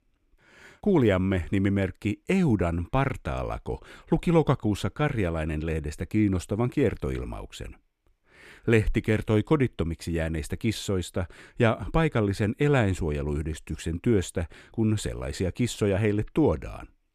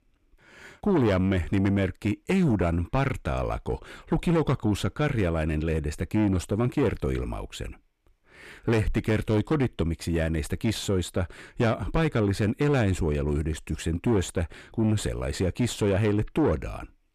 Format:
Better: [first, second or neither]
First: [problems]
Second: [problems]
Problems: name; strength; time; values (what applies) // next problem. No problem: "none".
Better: first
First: none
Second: distortion; slight; 10 dB below the speech